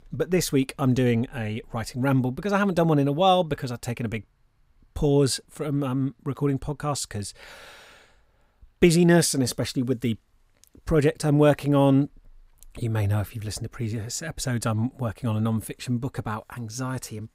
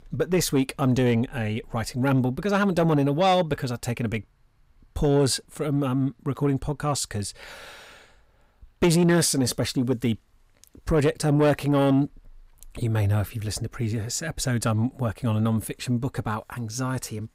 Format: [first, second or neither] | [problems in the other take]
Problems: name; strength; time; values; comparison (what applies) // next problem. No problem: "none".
first | distortion; slight; 10 dB below the speech